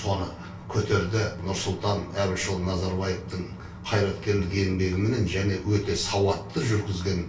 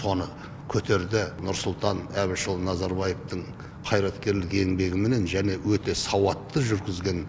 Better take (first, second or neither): second